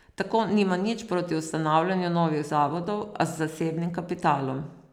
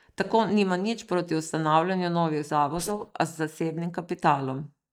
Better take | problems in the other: first | noise reduction (neural mask model DeepFilterNet 3)

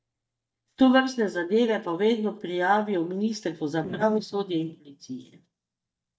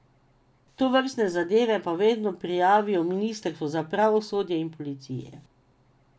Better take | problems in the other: second | noise reduction (neural mask model DeepFilterNet 3)

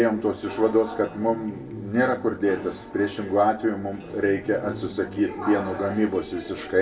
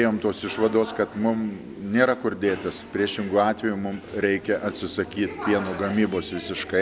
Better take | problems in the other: second | background sound (Electric guitar); 17 dB below the speech // room echo; dies away in 0.2 s

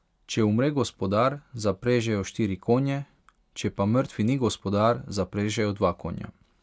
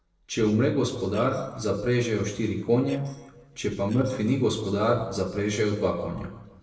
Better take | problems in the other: first | noise reduction (neural separator model SepFormer DNS4)

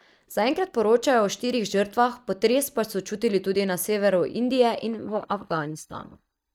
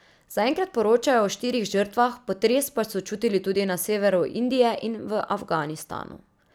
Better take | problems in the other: second | noise reduction (neural mask model DeepFilterNet 3)

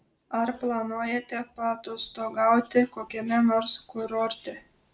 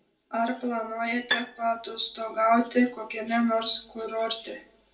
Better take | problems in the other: first | background sound (Bowed string instrument); 5 dB below the speech // room echo; dies away in 0.2 s

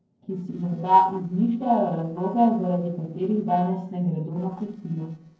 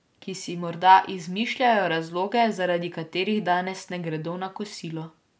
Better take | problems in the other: second | noise reduction (neural separator model SepFormer DNS4)

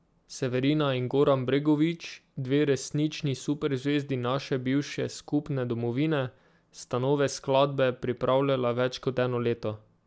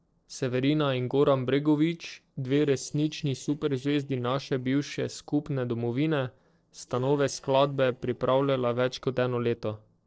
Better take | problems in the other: first | noise reduction (neural separator model SepFormer DNS4)

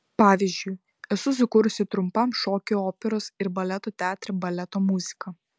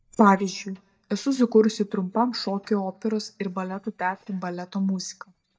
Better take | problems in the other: first | noise reduction (neural mask model DeepFilterNet 3)

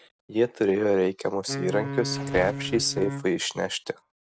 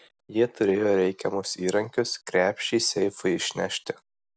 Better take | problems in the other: second | noise reduction (neural mask model RNNoise)

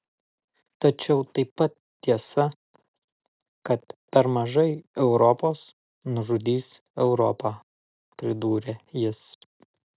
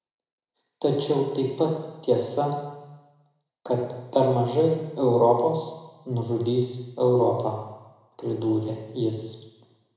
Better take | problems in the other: first | room echo; dies away in 1 s

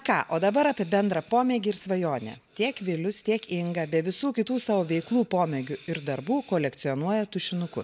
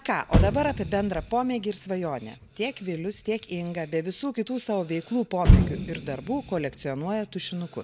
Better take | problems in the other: first | background sound (Motor vehicle (road)); 1 dB above the speech

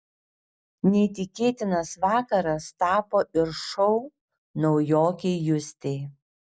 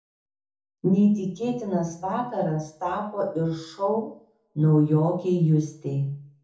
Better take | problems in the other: first | room echo; dies away in 0.6 s

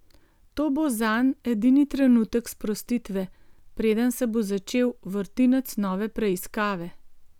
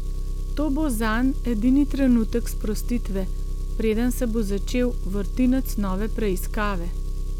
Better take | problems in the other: first | background sound (Engine); 1 dB below the speech

